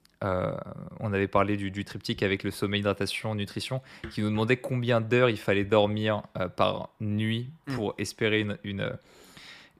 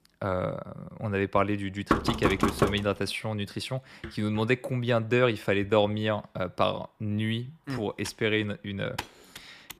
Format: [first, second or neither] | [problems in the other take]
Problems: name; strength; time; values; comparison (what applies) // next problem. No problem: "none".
first | door banging; loud; at 2 s; peak 3 dB above the speech // keyboard typing; faint; from 8 s on; peak 10 dB below the speech